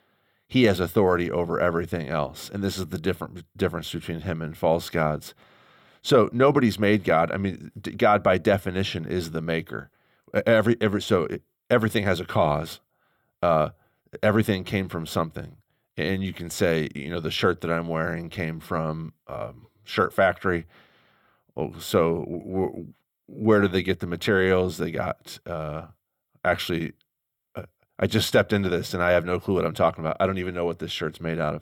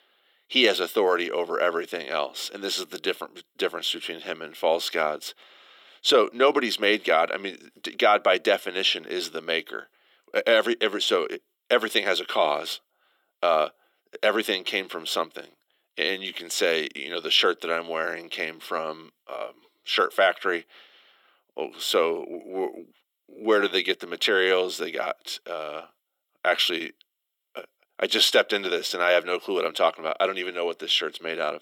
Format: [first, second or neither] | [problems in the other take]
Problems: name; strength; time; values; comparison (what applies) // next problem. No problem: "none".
first | thin; somewhat; fading below 300 Hz